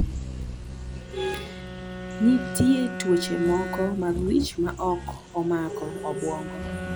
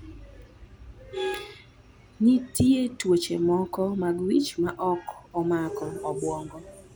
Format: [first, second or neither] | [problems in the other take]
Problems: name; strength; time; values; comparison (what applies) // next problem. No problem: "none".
second | background sound (Bowed string instrument + Bird vocalization, bird call, bird song); 7 dB below the speech